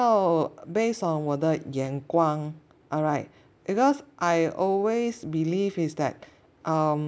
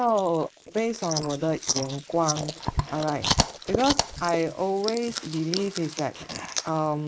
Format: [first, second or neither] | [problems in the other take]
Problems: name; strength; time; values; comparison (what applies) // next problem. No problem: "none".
first | noise reduction (neural mask model Resemble Enhance denoiser)